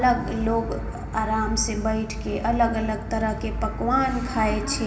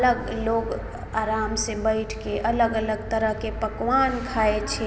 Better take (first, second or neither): second